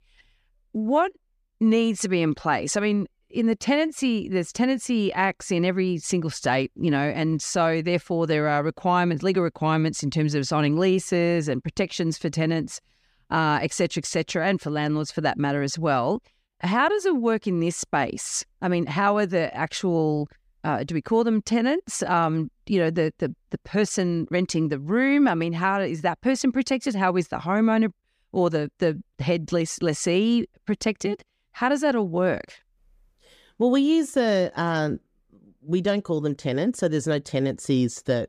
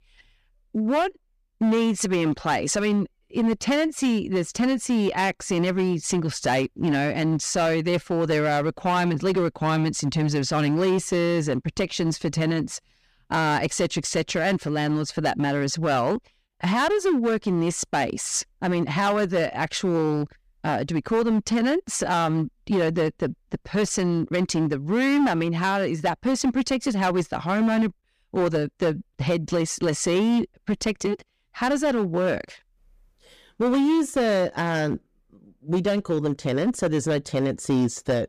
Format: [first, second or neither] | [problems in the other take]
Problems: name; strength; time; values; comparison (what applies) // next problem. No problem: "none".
first | distortion; slight; 10% of the sound clipped